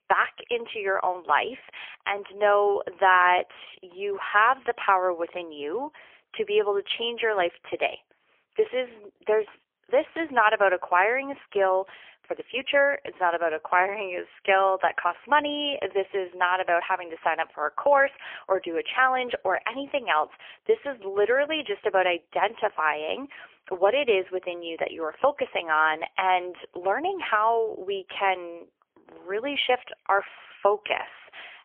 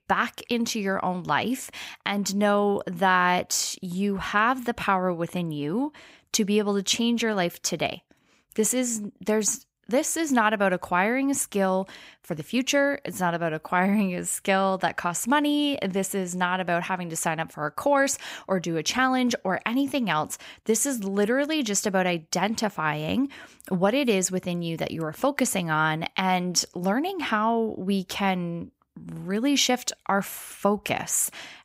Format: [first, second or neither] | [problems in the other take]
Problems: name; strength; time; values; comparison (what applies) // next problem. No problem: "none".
second | phone-call audio; poor line; nothing above 3.5 kHz